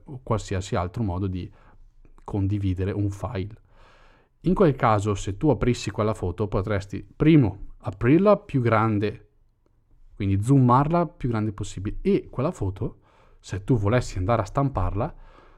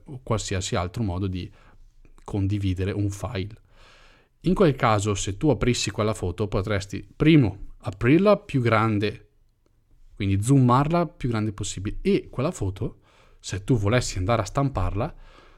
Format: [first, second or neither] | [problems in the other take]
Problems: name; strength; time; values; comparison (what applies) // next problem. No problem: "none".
second | muffled; slightly; fading above 2 kHz